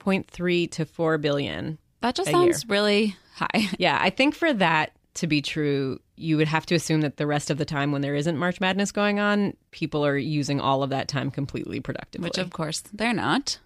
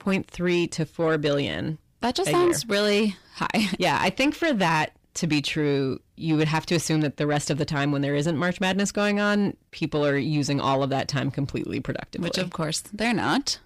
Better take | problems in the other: first | distortion; slight; 10 dB below the speech

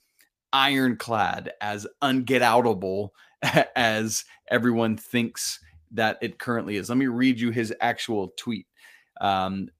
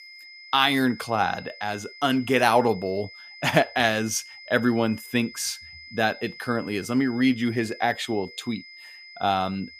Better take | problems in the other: first | high-pitched whine; noticeable; throughout; 2 kHz, 20 dB below the speech

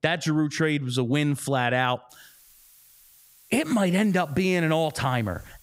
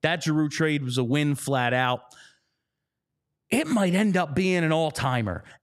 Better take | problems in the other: second | hiss; faint; from 2 s on; 25 dB below the speech

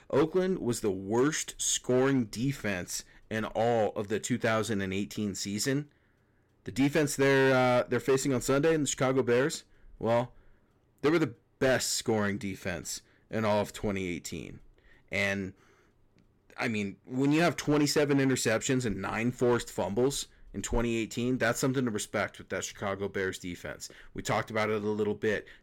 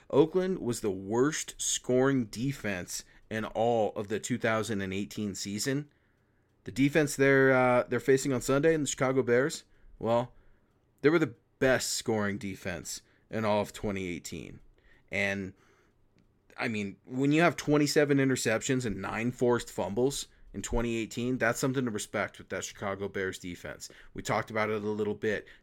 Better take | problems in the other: second | distortion; slight; 4% of the sound clipped

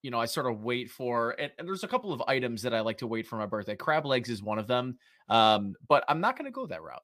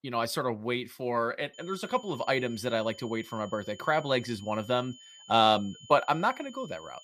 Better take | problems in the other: first | high-pitched whine; faint; from 1.5 s on; 3 kHz, 20 dB below the speech

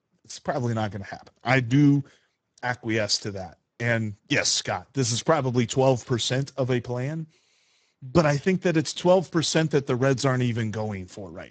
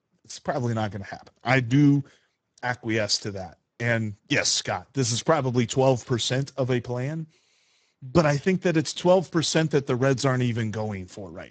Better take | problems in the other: neither | garbled, watery; badly; nothing above 7.5 kHz; the same in both

